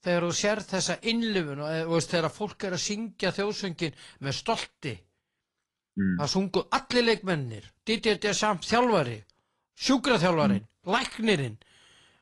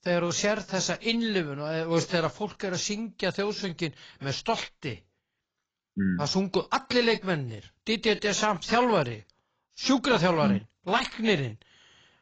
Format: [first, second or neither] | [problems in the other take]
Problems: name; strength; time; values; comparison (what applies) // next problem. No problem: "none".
first | garbled, watery; badly; slightly in the first